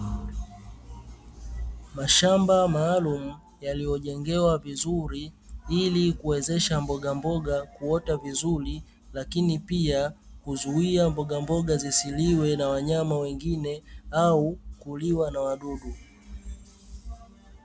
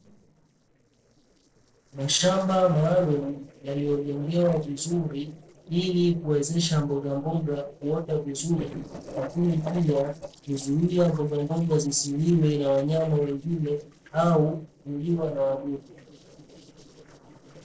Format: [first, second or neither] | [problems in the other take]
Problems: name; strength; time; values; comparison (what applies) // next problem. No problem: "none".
first | noise reduction (neural separator model SepFormer DNS4)